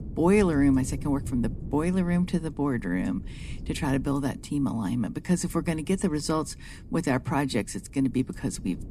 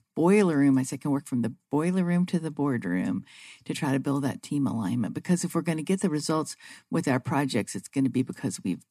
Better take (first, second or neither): second